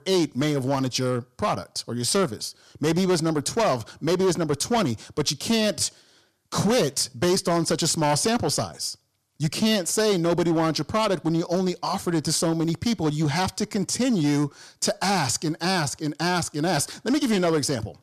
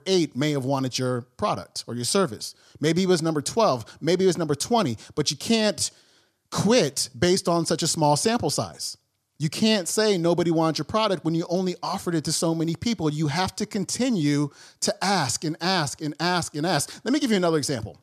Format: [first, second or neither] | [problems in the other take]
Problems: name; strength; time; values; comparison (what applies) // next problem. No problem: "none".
second | distortion; slight; 9% of the sound clipped